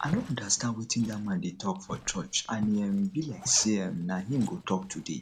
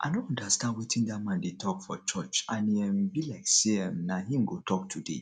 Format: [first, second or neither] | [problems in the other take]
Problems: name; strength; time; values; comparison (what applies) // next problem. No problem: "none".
second | background sound (Zipper (clothing)); 16 dB below the speech